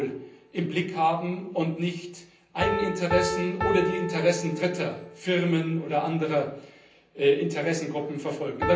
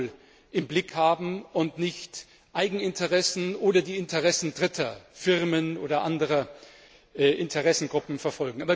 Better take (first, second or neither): second